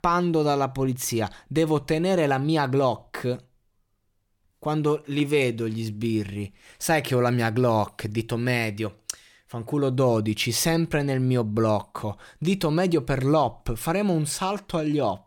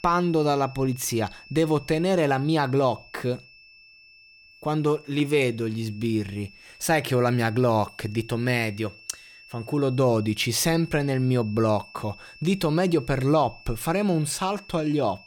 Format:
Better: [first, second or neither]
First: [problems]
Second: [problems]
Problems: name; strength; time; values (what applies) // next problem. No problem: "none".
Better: first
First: none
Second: high-pitched whine; faint; throughout; 2.5 kHz, 20 dB below the speech